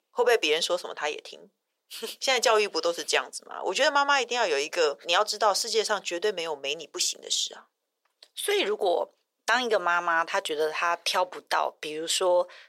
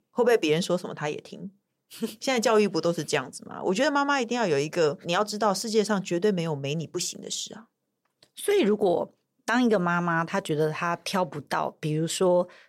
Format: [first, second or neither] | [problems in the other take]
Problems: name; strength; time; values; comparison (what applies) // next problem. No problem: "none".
second | thin; very; fading below 500 Hz